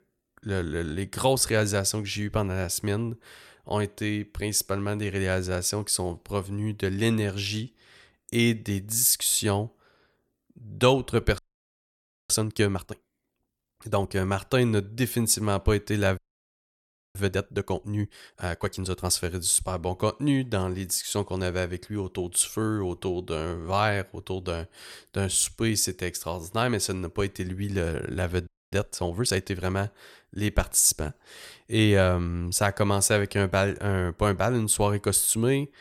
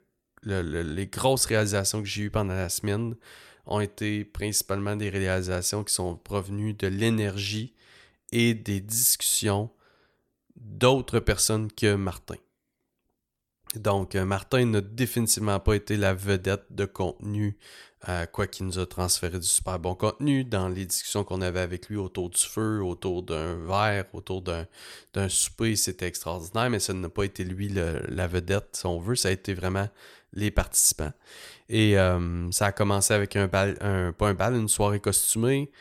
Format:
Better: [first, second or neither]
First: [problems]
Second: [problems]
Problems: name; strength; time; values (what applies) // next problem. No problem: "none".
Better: second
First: audio freezing; at 11 s for 1 s, at 16 s for 1 s and at 28 s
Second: none